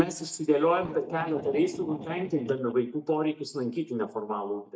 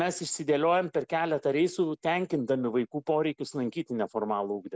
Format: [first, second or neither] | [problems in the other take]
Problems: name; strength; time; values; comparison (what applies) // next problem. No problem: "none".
second | noise reduction (neural mask model DeepFilterNet 3)